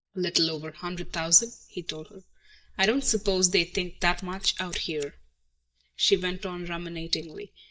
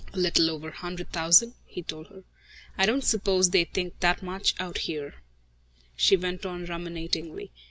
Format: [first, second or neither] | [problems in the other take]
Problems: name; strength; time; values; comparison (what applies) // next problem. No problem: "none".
second | noise reduction (neural mask model DeepFilterNet 3)